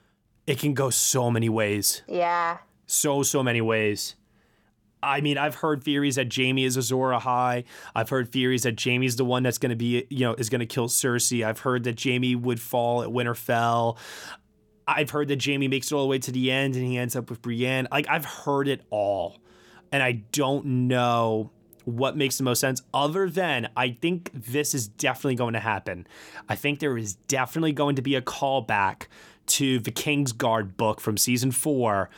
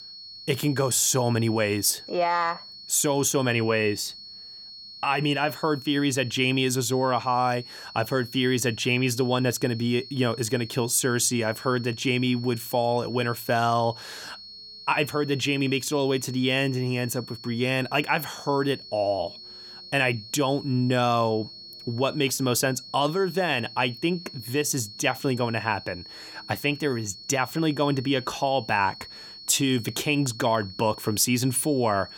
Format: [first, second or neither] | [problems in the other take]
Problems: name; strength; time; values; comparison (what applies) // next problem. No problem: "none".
first | high-pitched whine; noticeable; throughout; 4.5 kHz, 15 dB below the speech